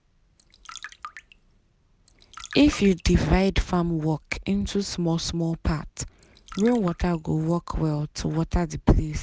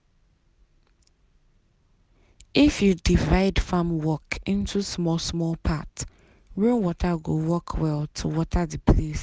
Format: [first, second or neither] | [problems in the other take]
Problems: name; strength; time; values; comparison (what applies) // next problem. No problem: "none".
second | background sound (Trickle, dribble); 20 dB below the speech